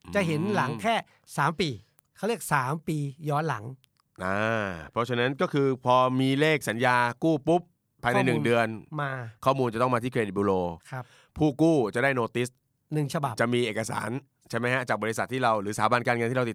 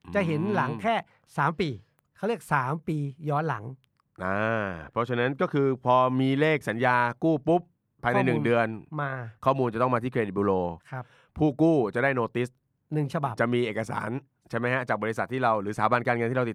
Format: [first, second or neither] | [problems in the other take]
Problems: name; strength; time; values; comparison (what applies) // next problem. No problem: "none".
first | muffled; slightly; fading above 3.5 kHz